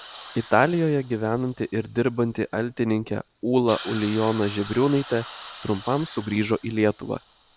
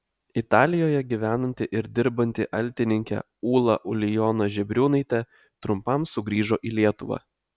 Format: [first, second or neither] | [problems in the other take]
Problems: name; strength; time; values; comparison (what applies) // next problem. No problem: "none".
second | background sound (Hiss); 18 dB below the speech